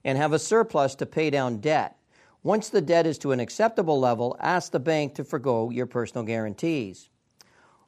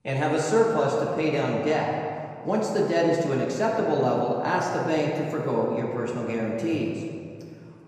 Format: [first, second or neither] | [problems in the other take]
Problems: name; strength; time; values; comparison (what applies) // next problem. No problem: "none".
first | room echo; noticeable; dies away in 2 s // off-mic speech; far